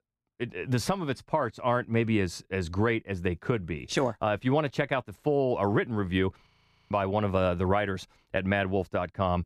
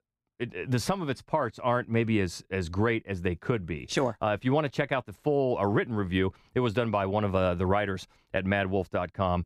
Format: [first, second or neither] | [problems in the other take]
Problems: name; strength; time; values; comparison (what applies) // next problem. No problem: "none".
second | audio freezing; at 6.5 s